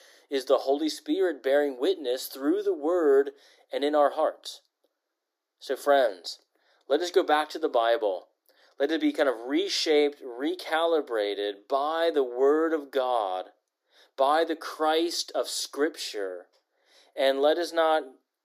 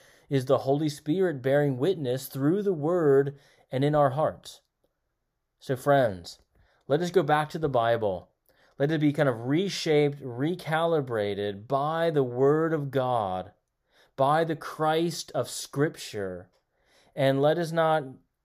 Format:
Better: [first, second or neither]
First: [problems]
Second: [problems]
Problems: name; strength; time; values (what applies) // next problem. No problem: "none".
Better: second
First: thin; very slightly; fading below 300 Hz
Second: none